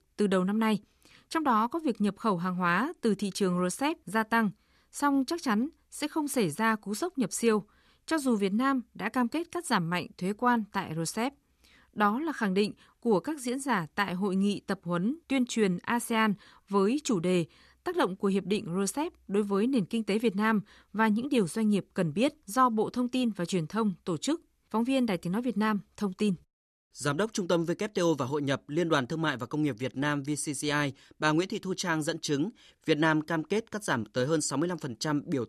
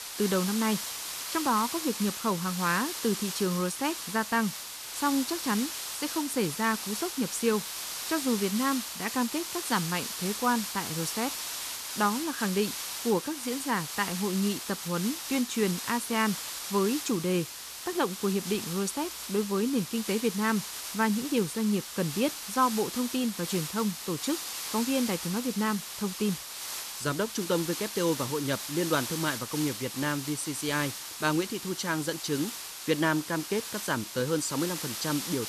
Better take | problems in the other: first | hiss; loud; throughout; 5 dB below the speech

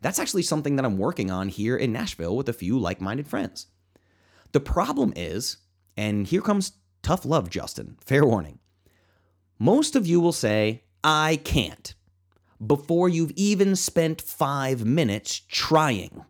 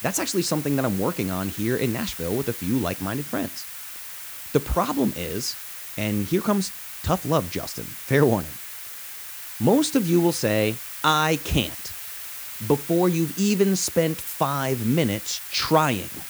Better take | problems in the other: first | hiss; loud; throughout; 9 dB below the speech

